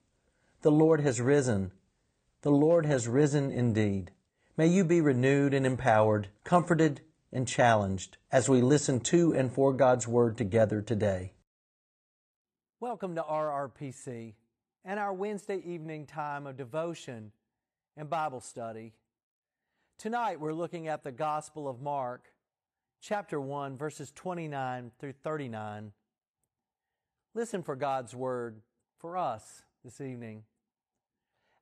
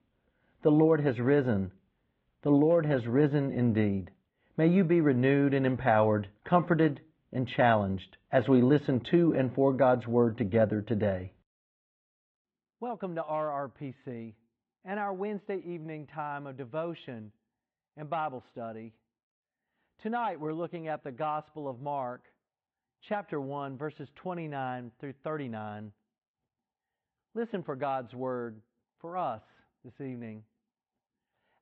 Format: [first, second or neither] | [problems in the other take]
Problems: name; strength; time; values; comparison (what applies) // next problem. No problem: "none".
first | muffled; very slightly; fading above 3.5 kHz